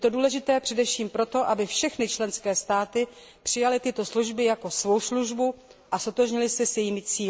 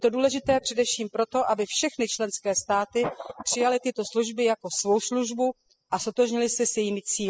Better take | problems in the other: first | noise reduction (classical method spectral subtraction)

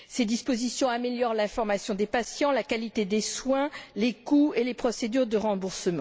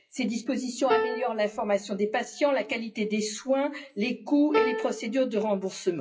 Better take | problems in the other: first | noise reduction (classical method WPE with log-MMSE)

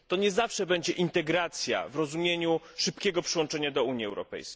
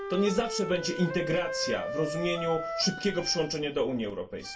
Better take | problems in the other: first | background sound (Wind instrument, woodwind instrument); 7 dB below the speech // room echo; dies away in 0.2 s

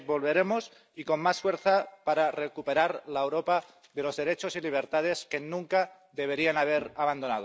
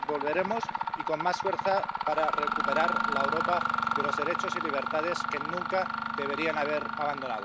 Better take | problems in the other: first | background sound (Mechanisms); 1 dB above the speech

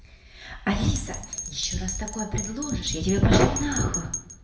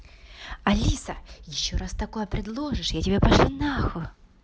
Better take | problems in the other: second | background sound (Bell); 10 dB below the speech // room echo; dies away in 1.1 s

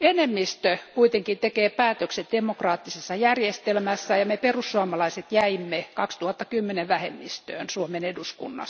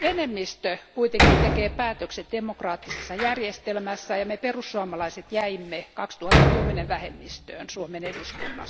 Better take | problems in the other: first | background sound (Door); 3 dB above the speech

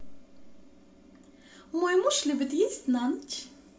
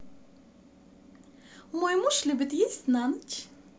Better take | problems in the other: second | room echo; dies away in 0.6 s

